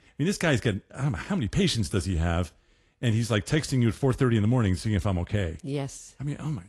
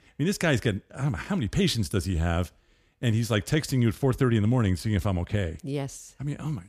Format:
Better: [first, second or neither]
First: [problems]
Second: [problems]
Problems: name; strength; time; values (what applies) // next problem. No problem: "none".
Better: second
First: garbled, watery; slightly; nothing above 11.5 kHz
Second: none